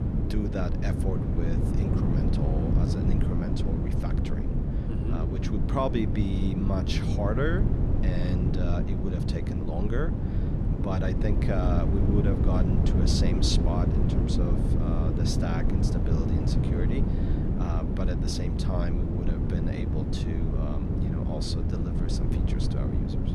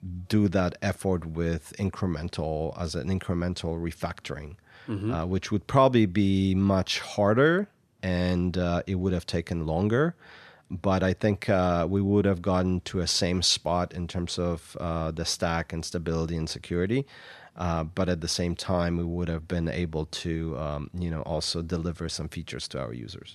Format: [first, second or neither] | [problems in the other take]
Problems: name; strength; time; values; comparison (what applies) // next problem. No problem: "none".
second | wind noise on the microphone; heavy; as loud as the speech